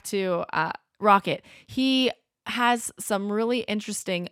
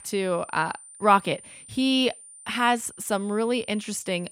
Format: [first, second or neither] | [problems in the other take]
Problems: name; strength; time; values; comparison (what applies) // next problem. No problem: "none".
first | high-pitched whine; noticeable; throughout; 9 kHz, 20 dB below the speech